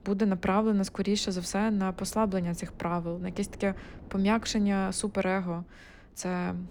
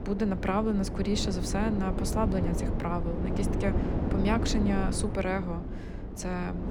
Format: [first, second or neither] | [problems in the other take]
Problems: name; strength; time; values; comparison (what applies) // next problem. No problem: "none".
first | wind noise on the microphone; heavy; 5 dB below the speech; occasional gusts in the first